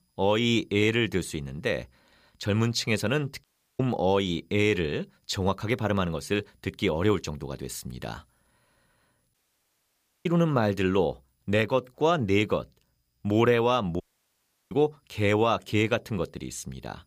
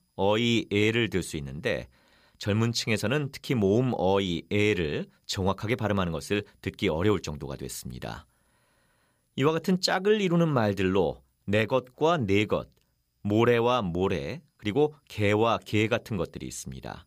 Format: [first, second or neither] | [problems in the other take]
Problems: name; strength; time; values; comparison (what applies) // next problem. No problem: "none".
second | audio cutting out; at 3.5 s, at 9.5 s for 1 s and at 14 s for 0.5 s